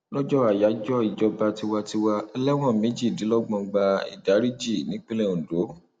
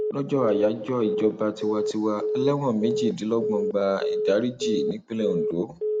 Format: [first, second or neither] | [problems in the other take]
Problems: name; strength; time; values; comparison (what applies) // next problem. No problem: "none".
first | background sound (Telephone); 2 dB below the speech